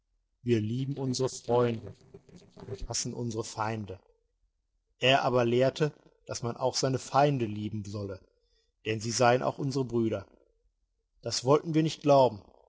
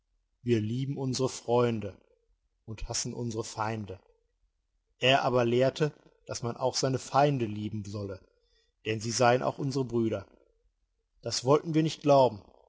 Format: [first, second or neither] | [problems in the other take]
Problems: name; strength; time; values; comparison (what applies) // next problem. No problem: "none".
second | noise reduction (neural separator model SepFormer DNS4)